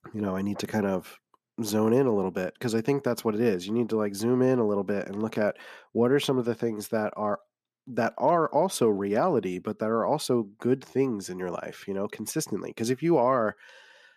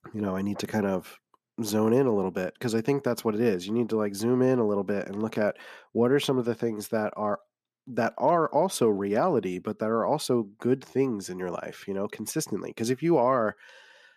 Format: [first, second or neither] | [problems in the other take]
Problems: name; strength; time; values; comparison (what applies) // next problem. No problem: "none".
neither | none